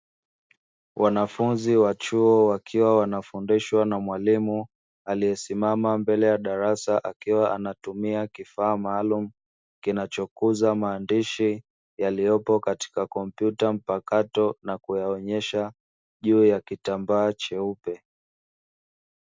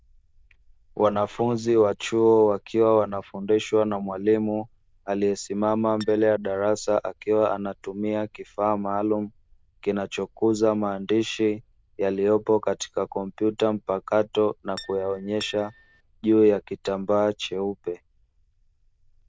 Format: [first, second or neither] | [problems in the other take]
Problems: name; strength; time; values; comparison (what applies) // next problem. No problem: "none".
first | noise reduction (neural diffusion model UNIVERSE++)